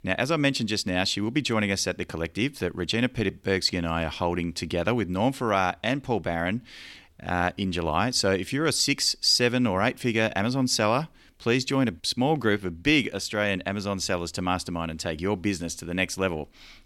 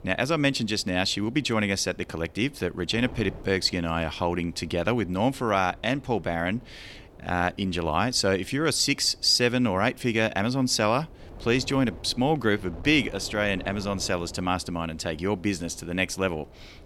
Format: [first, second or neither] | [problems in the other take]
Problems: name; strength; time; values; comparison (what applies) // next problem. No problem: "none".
first | wind noise on the microphone; occasional gusts; 25 dB below the speech